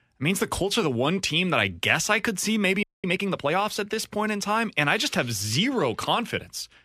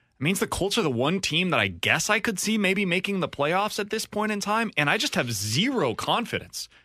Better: second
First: audio freezing; at 3 s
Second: none

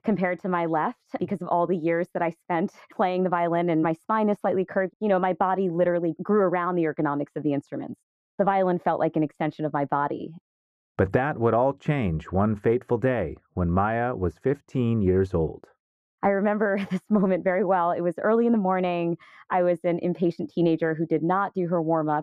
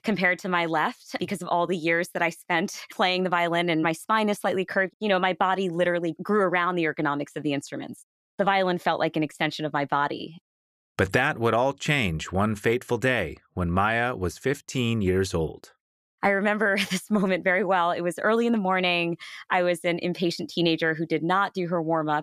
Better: second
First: muffled; very; fading above 2 kHz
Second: none

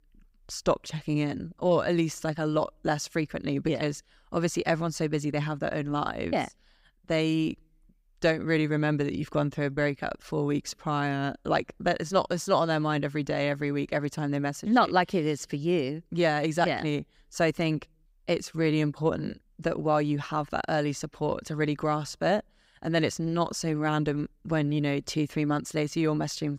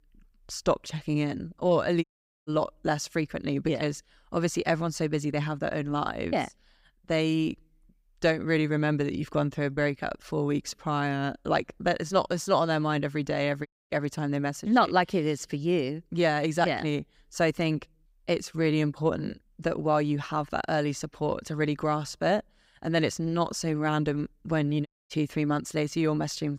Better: first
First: none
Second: audio cutting out; at 2 s, at 14 s and at 25 s

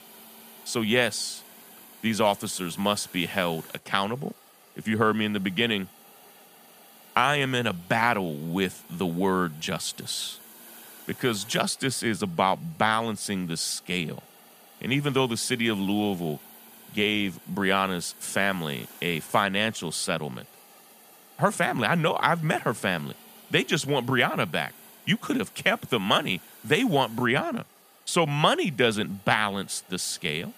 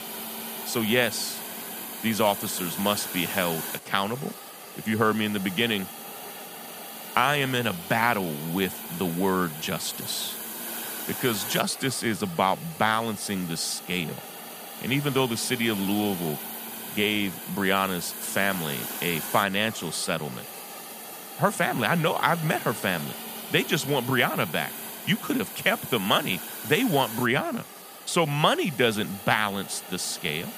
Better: first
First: hiss; faint; throughout; 20 dB below the speech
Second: hiss; loud; throughout; 9 dB below the speech

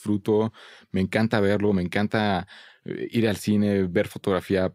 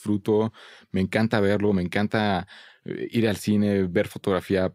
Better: neither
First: none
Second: none

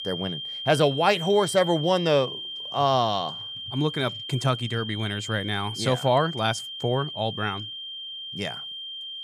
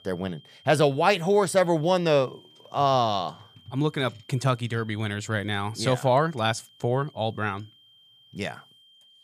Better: second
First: high-pitched whine; loud; throughout; 3 kHz, 8 dB below the speech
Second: high-pitched whine; faint; throughout; 3 kHz, 30 dB below the speech

